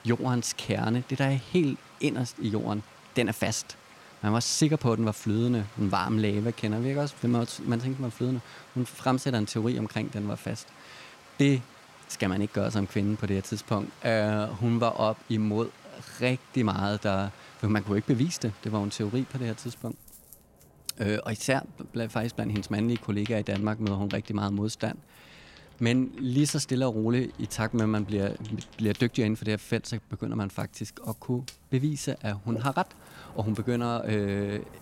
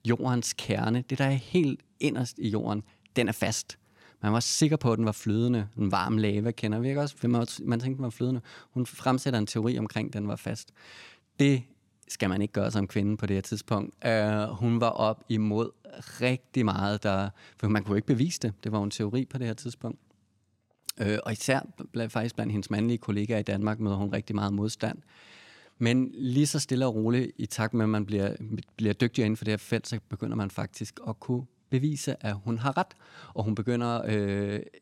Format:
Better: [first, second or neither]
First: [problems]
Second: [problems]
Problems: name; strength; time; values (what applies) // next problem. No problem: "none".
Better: second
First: rain or running water; faint; throughout; 20 dB below the speech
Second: none